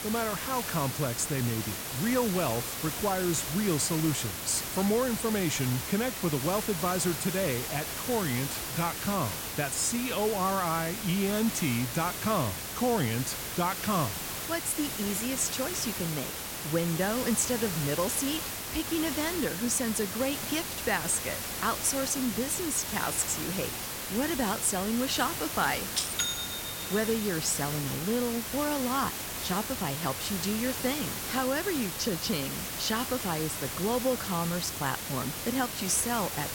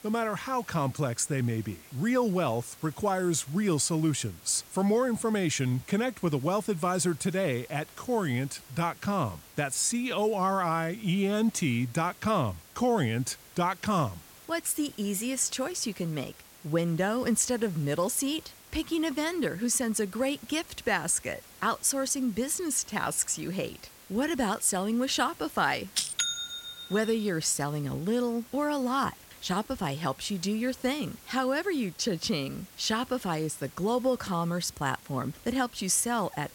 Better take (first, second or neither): second